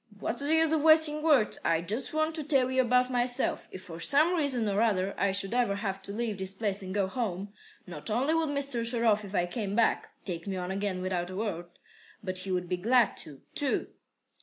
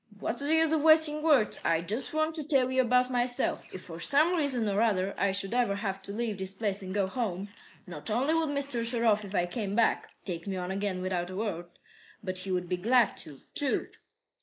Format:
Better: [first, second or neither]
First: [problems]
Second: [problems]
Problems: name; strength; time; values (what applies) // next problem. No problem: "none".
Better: first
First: none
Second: noise reduction (neural mask model Resemble Enhance denoiser)